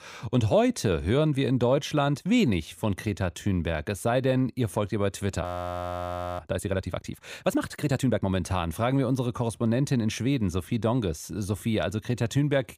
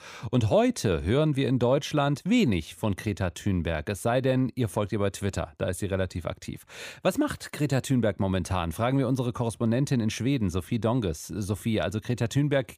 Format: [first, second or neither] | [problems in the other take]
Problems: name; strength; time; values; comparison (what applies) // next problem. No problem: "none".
second | audio freezing; at 5.5 s for 1 s